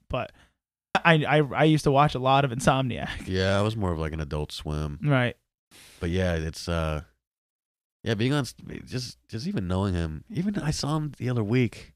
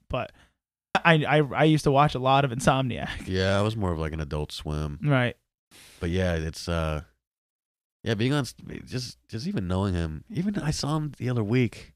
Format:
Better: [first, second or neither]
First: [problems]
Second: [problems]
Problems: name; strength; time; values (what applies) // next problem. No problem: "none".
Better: neither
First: audio freezing; at 0.5 s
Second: audio freezing; at 0.5 s